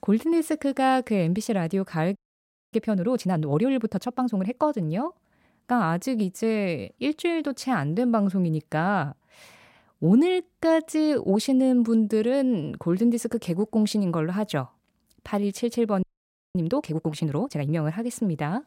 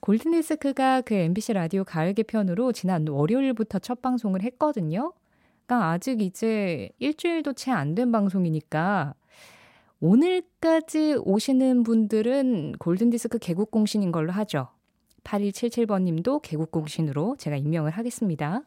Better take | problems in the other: second | audio freezing; at 2 s for 0.5 s and at 16 s for 0.5 s

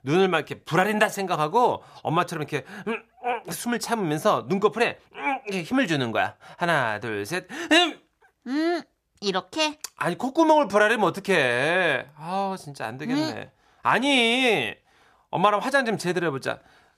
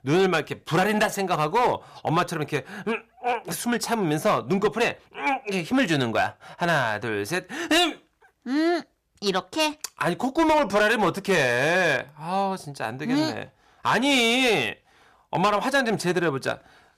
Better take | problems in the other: first | distortion; slight; 5% of the sound clipped

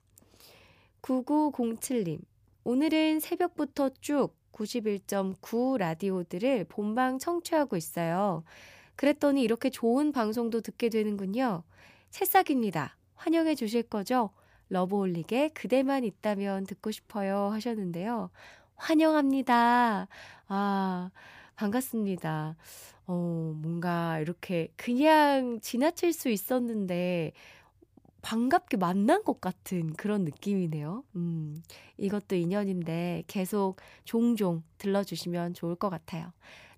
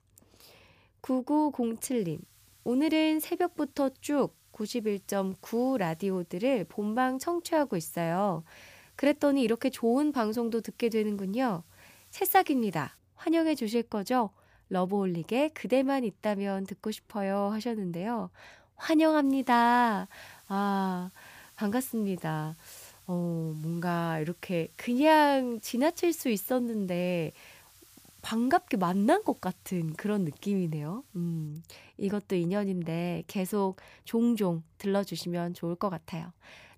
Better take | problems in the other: first | hiss; faint; from 2 to 13 s and from 19 to 31 s; 30 dB below the speech

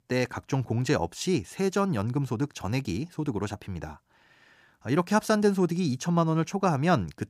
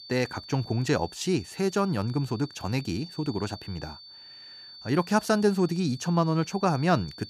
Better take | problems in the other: first | high-pitched whine; noticeable; throughout; 4.5 kHz, 15 dB below the speech

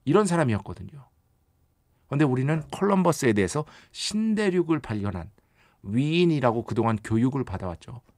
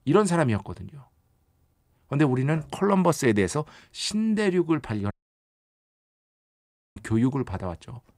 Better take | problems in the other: first | audio cutting out; at 5 s for 2 s

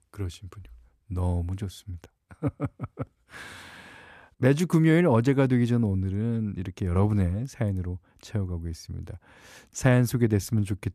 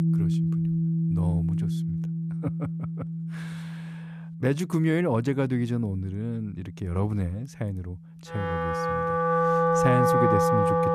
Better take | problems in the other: first | background music; very loud; throughout; 4 dB above the speech

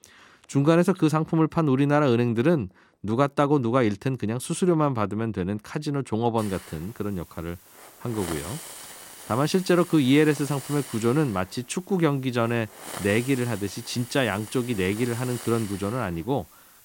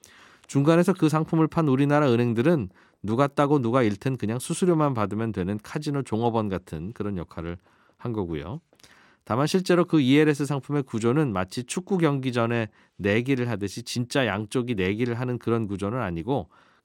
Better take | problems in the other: second | hiss; noticeable; from 6.5 s on; 15 dB below the speech

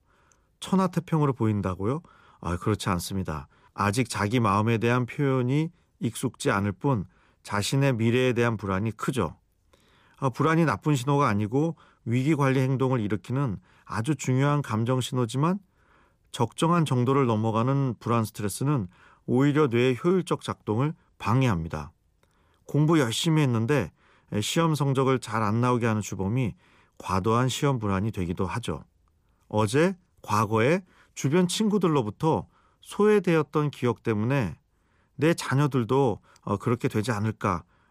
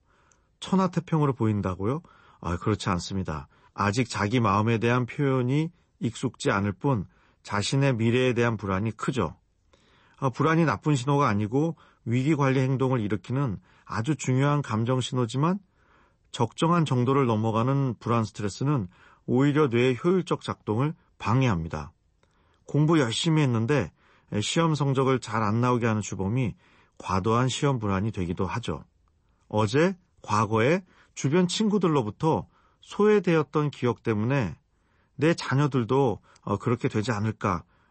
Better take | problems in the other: first | garbled, watery; slightly; nothing above 8 kHz

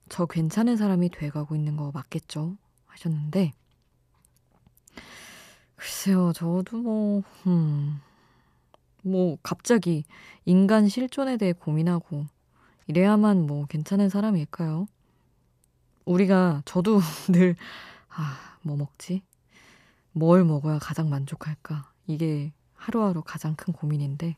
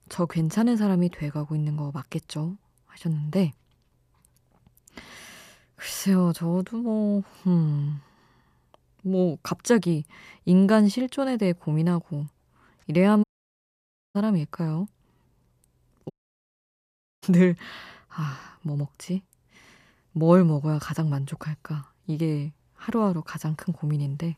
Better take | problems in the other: first | audio cutting out; at 13 s for 1 s and at 16 s for 1 s

